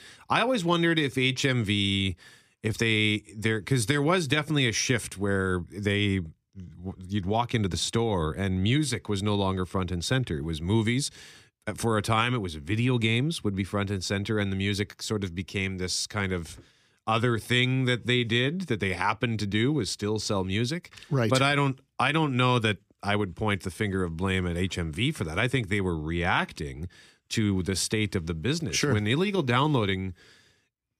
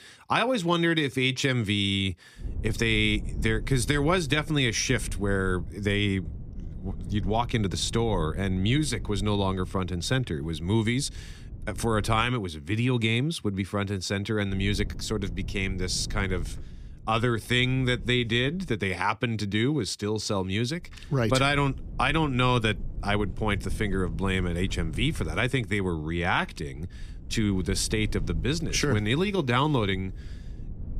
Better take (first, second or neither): first